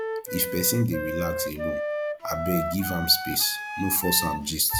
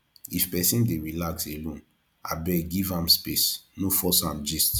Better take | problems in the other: second | background sound (Wind instrument, woodwind instrument); 4 dB below the speech

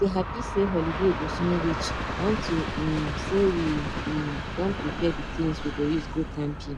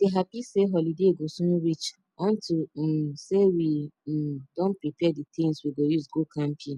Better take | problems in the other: second | background sound (Train); 4 dB below the speech

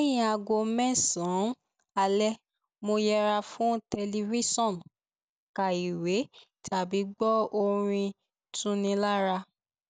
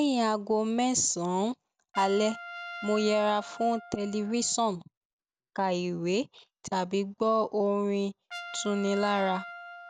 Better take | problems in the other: first | background sound (Trumpet); 16 dB below the speech

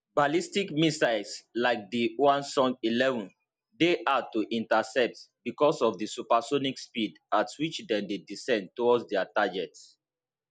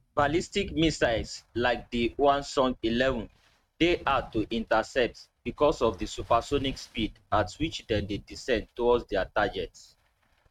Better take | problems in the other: first | noise reduction (neural mask model RNNoise)

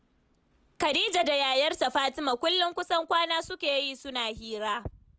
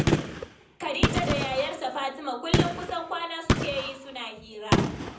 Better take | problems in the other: first | background sound (Gunshot, gunfire); 4 dB above the speech // room echo; dies away in 0.6 s

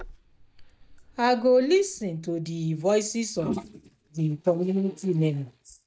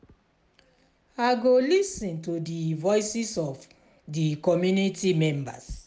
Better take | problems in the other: second | noise reduction (neural mask model DeepFilterNet 3)

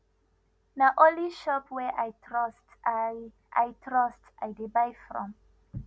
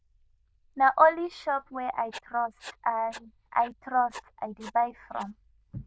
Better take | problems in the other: first | noise reduction (neural diffusion model UNIVERSE++)

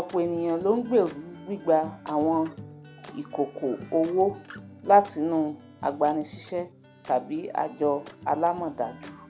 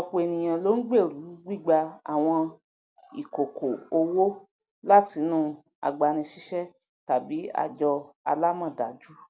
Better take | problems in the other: second | background sound (Acoustic guitar); 19 dB below the speech

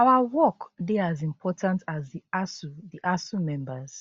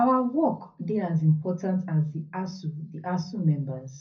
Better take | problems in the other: first | room echo; dies away in 0.4 s

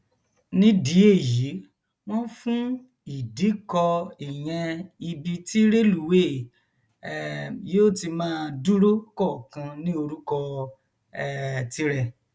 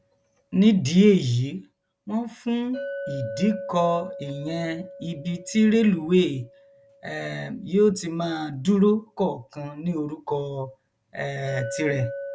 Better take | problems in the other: first | background sound (Chink, clink); 15 dB below the speech

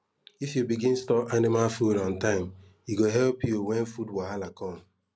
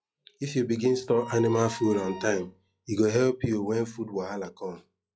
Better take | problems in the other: first | noise reduction (classical method log-MMSE)

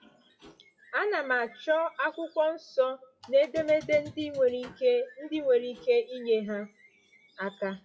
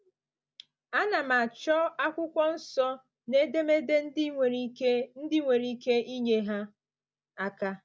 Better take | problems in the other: second | noise reduction (classical method WPE with log-MMSE)

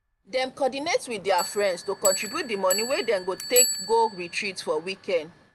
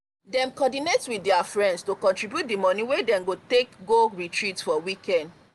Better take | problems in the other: second | background sound (Bell); 6 dB below the speech

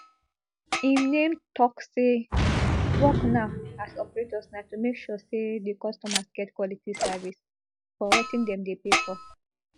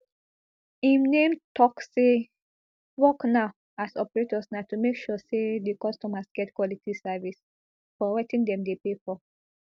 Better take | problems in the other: second | noise reduction (classical method log-MMSE)

